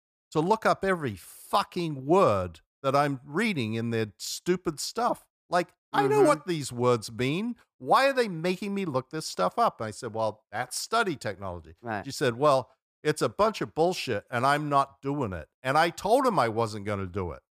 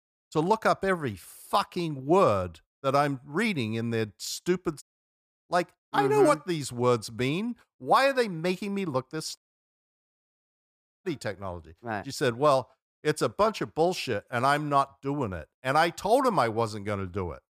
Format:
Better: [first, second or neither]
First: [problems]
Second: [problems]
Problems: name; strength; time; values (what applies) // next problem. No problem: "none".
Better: first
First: none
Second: audio cutting out; at 5 s and at 9.5 s for 1.5 s